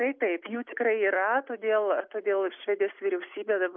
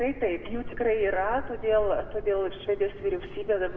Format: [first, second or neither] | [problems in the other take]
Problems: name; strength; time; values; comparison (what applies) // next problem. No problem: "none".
first | background sound (Subway, metro, underground); 9 dB below the speech // room echo; dies away in 1 s